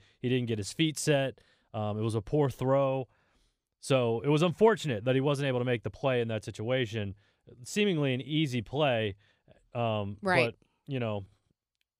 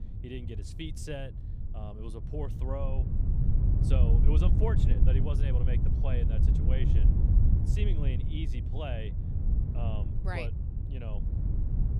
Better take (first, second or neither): first